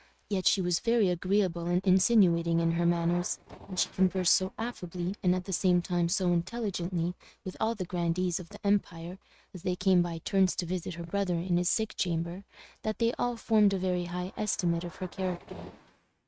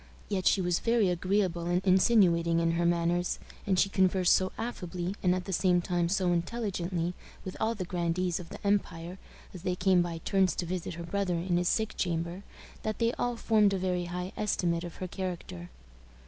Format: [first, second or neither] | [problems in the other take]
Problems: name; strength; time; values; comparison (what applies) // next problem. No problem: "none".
second | noise reduction (neural mask model RNNoise)